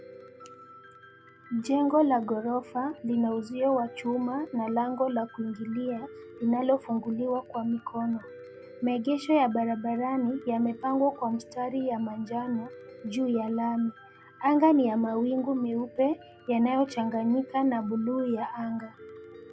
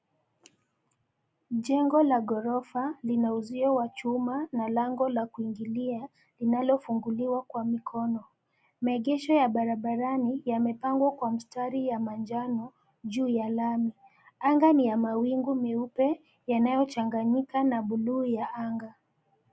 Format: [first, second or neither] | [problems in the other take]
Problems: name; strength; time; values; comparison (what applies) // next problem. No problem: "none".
second | background sound (Piano); 20 dB below the speech